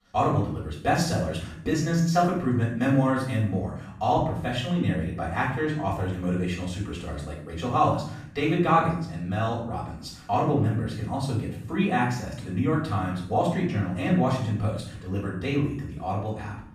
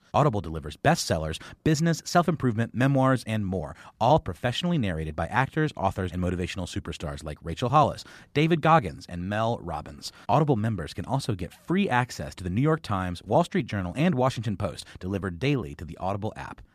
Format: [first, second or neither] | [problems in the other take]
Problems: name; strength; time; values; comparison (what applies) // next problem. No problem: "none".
second | off-mic speech; far // room echo; noticeable; dies away in 0.7 s